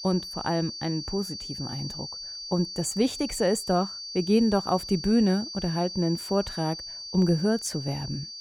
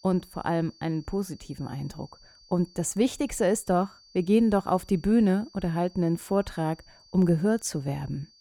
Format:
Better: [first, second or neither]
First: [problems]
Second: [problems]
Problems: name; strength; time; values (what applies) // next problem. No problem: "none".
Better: second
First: high-pitched whine; loud; throughout; 4.5 kHz, 8 dB below the speech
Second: high-pitched whine; faint; throughout; 4.5 kHz, 25 dB below the speech